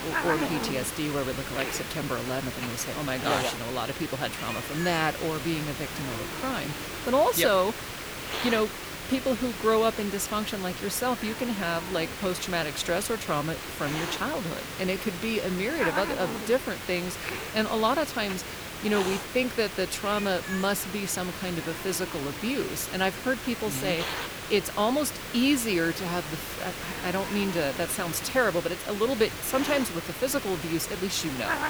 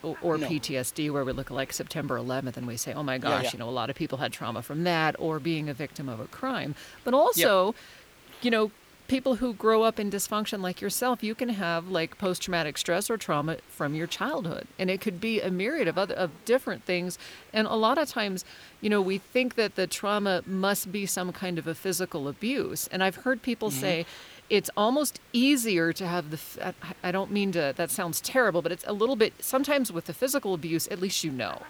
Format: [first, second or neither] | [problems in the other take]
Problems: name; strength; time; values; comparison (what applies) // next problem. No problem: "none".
second | hiss; loud; throughout; 6 dB below the speech; faint in the second